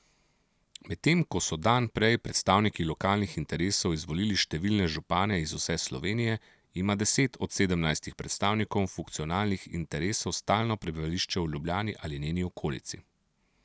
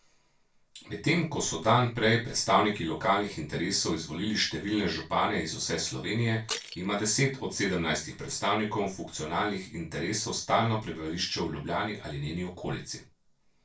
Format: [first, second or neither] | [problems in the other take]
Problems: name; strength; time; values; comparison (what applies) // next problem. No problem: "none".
first | noise reduction (neural separator model SepFormer DNS4)